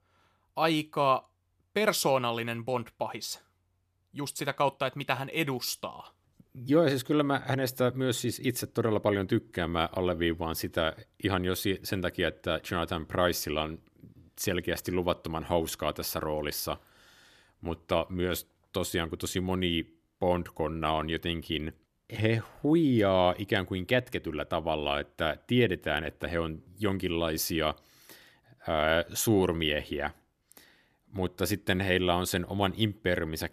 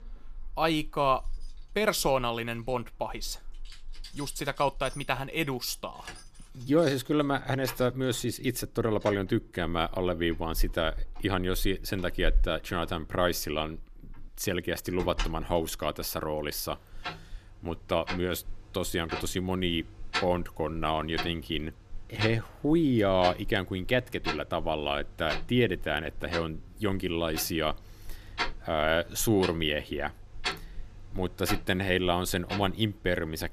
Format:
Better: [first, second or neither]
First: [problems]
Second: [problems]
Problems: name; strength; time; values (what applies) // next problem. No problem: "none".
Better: first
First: none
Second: household noises; noticeable; throughout; 10 dB below the speech